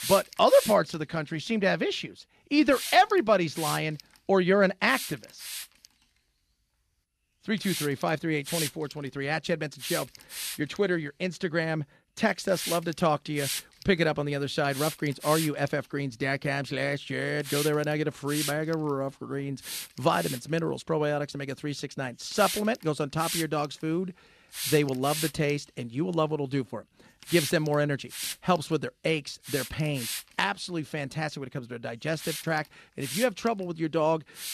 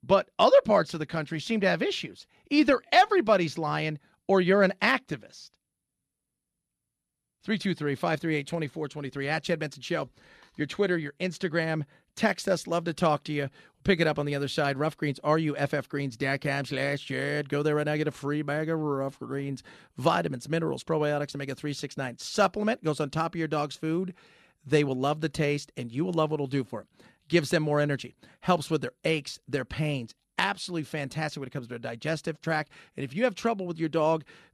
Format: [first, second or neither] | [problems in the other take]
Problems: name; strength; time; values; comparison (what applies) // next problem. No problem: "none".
second | hiss; loud; throughout; 7 dB below the speech